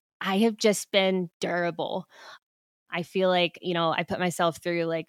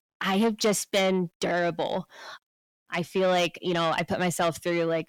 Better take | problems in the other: first | distortion; slight; 10 dB below the speech

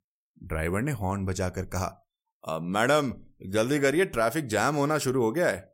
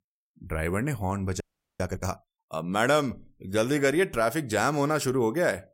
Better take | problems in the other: first | audio freezing; at 1.5 s

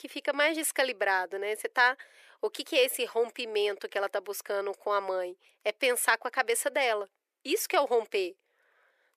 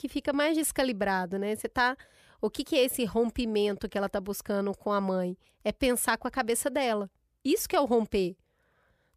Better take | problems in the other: second | thin; very; fading below 350 Hz

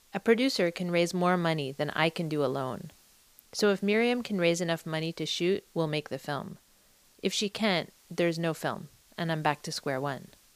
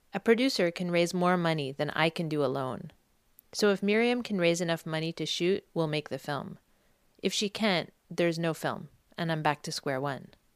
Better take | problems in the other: second | hiss; faint; throughout; 30 dB below the speech

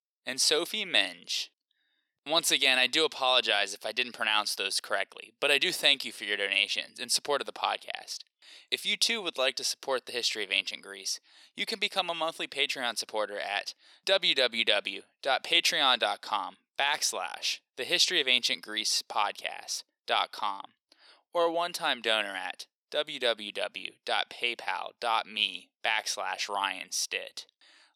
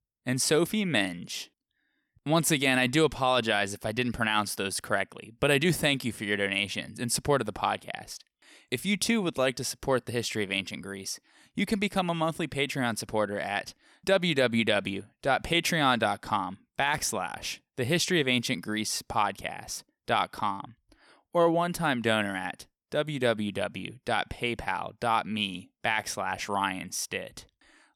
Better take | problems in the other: second | thin; somewhat; fading below 500 Hz

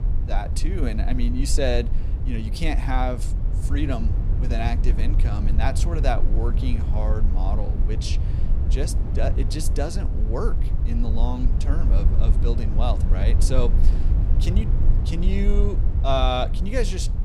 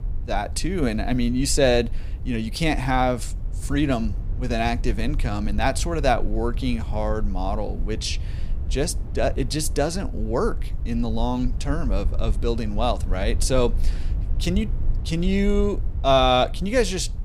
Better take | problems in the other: second | low rumble; loud; throughout; 9 dB below the speech; faint in the second

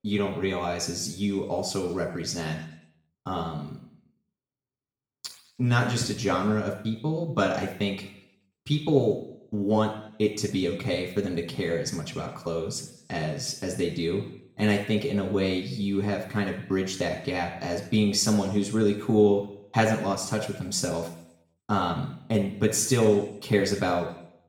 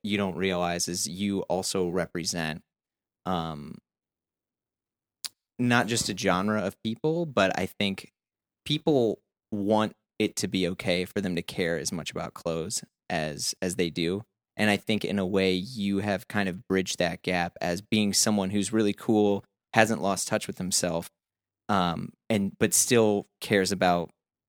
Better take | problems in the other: second | room echo; noticeable; dies away in 0.7 s // off-mic speech; far

